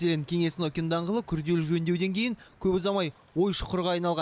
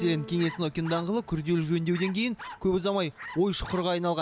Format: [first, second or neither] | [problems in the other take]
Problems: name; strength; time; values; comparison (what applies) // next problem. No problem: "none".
first | background sound (Bark + Keyboard (musical)); 16 dB below the speech